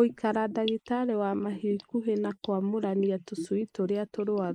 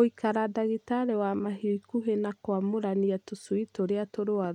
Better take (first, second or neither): second